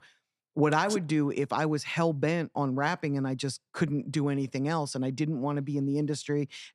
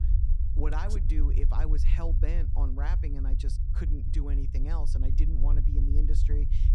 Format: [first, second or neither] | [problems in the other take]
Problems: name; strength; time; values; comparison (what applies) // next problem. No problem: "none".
first | low rumble; loud; throughout; 5 dB below the speech